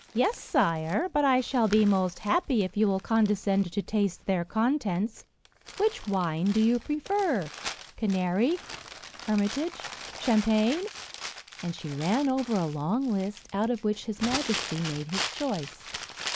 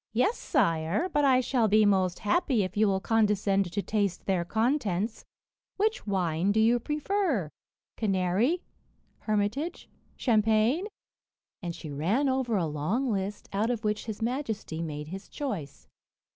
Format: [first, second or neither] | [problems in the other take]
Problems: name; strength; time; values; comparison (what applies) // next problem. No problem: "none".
second | background sound (Crumpling, crinkling); 13 dB below the speech